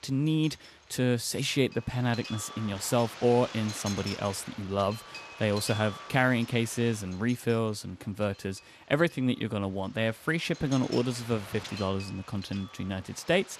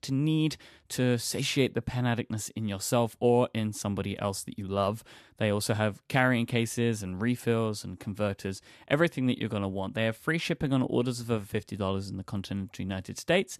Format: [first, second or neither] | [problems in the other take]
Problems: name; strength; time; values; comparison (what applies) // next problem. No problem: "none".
second | wind noise on the microphone; occasional gusts; 10 dB below the speech